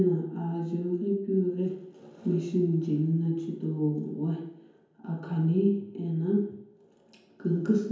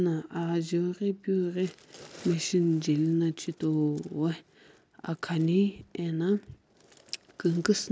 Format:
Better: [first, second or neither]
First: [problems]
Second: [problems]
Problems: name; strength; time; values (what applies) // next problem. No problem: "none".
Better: second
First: room echo; dies away in 0.9 s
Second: none